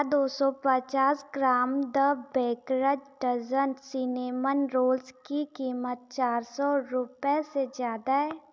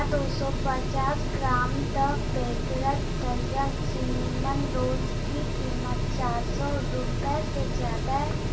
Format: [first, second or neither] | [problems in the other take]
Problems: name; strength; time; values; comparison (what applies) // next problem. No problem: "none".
first | background sound (Mechanical fan); 4 dB above the speech // room echo; dies away in 0.2 s